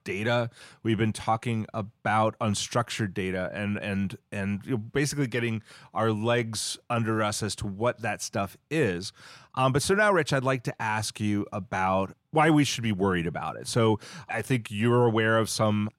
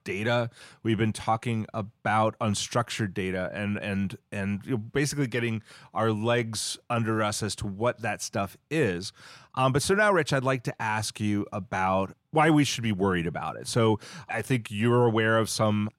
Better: neither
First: none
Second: none

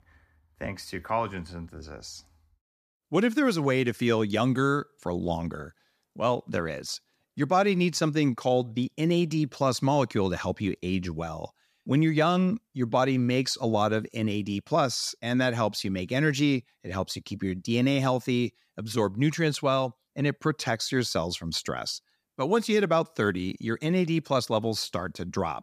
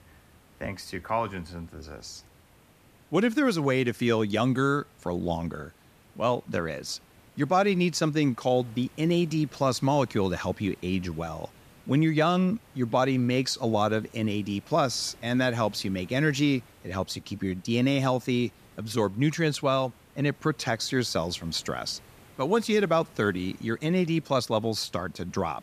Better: first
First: none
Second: hiss; faint; throughout; 25 dB below the speech

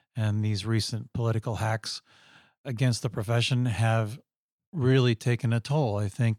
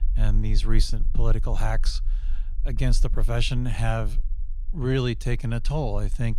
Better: first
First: none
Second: low rumble; faint; throughout; 25 dB below the speech

